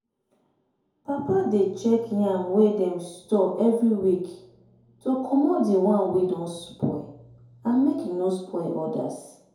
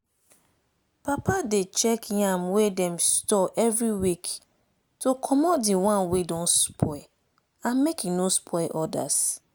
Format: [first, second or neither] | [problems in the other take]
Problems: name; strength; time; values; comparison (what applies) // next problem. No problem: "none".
second | room echo; dies away in 2.3 s